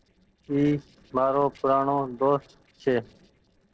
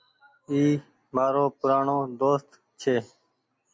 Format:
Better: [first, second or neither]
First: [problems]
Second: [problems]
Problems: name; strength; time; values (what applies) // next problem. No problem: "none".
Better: second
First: noise reduction (neural separator model SepFormer DNS4)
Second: none